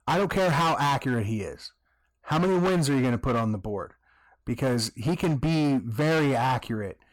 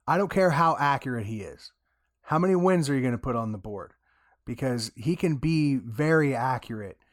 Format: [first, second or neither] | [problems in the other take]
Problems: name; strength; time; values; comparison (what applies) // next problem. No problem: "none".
second | distortion; heavy; 19% of the sound clipped